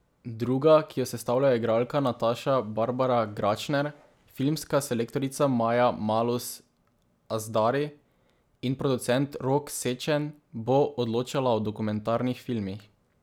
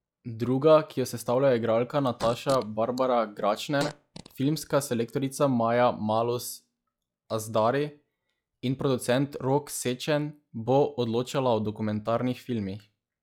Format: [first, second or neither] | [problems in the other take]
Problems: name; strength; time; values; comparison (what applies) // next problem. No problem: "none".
first | noise reduction (classical method log-MMSE)